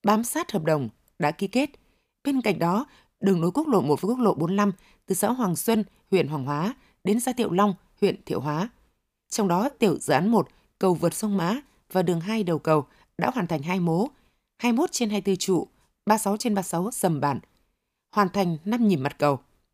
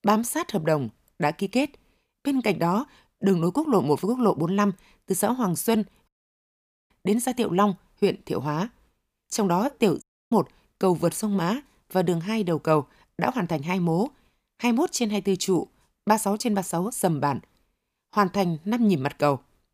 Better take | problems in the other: first | audio cutting out; at 6 s for 1 s and at 10 s

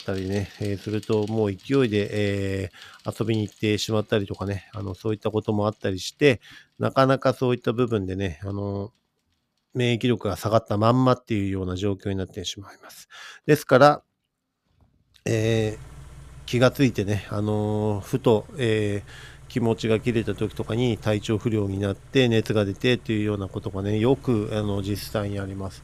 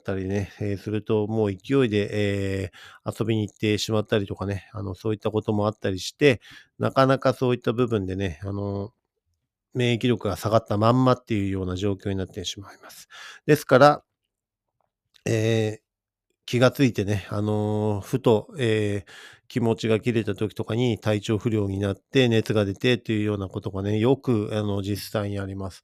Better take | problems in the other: second | traffic noise; faint; throughout; 20 dB below the speech

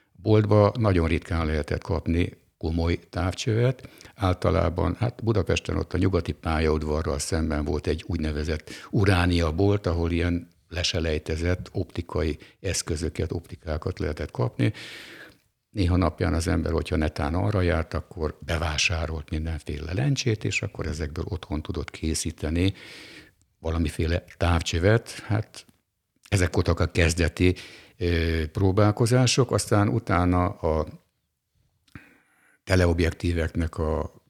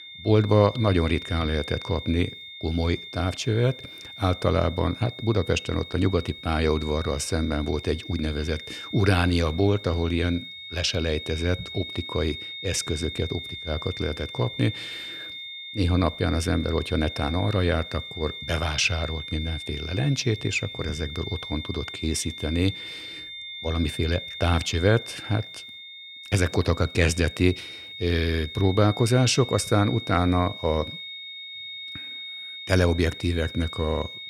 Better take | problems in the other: first | high-pitched whine; noticeable; throughout; 3.5 kHz, 10 dB below the speech

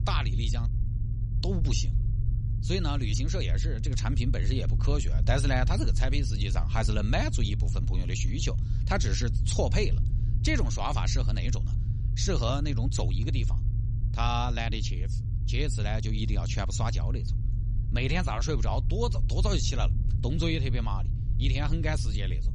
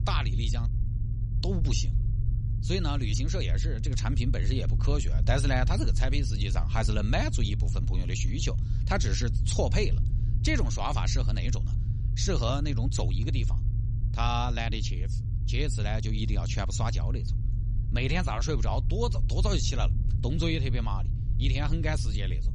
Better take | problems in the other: neither | low rumble; noticeable; throughout; 10 dB below the speech; the same in both

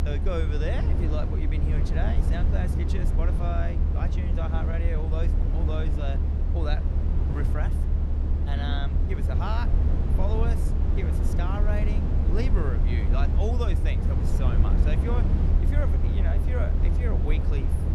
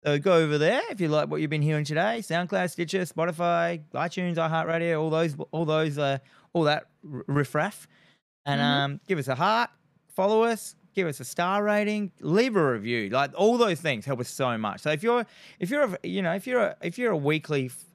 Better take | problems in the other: second | low rumble; loud; throughout; 2 dB below the speech

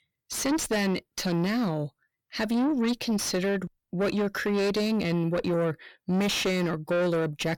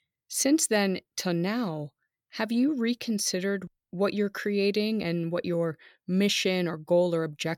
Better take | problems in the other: second | distortion; heavy; 7 dB below the speech

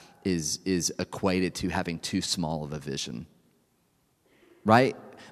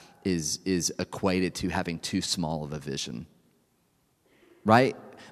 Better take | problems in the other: neither | none

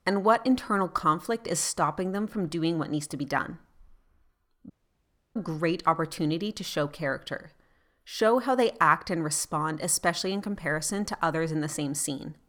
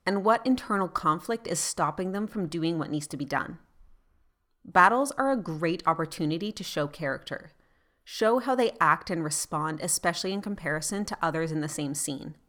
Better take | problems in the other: second | audio cutting out; at 4.5 s for 0.5 s

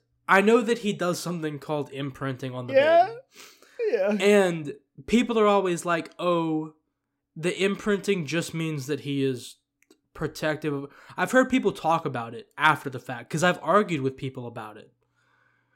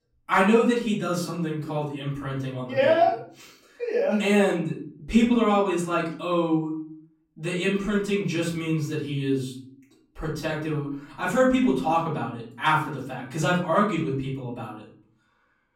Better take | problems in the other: first | off-mic speech; far // room echo; slight; dies away in 0.5 s

